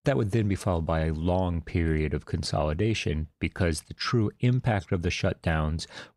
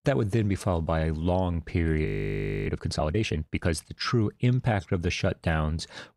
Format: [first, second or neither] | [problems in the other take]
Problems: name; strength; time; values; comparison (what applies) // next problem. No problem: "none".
first | audio freezing; at 2 s for 0.5 s